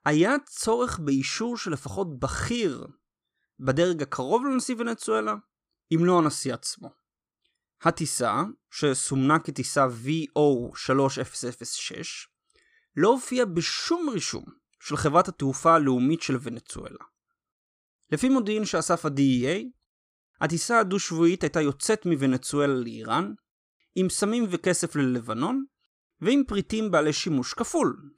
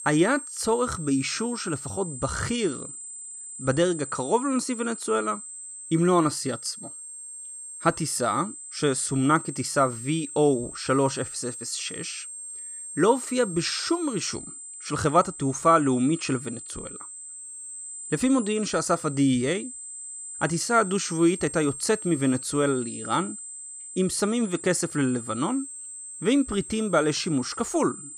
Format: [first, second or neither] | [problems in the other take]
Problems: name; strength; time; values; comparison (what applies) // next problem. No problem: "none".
first | high-pitched whine; noticeable; throughout; 8.5 kHz, 10 dB below the speech